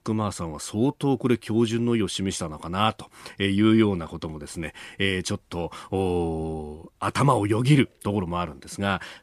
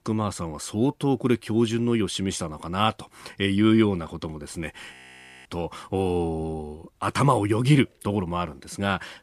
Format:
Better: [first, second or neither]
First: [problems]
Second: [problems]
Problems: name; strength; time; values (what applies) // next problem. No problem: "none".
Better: first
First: none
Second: audio freezing; at 5 s for 0.5 s